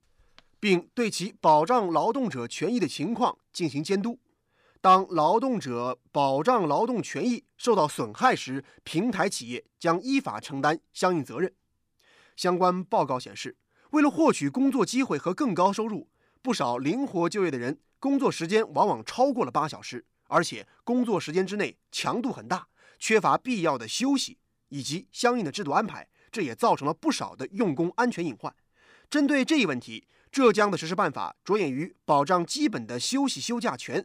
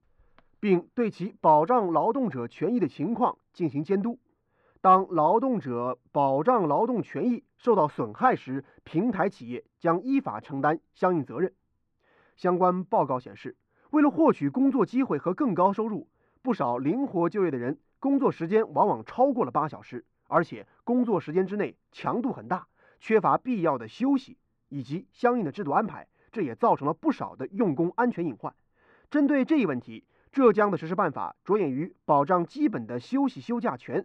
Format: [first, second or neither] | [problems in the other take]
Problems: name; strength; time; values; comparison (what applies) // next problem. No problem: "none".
first | muffled; very; fading above 4 kHz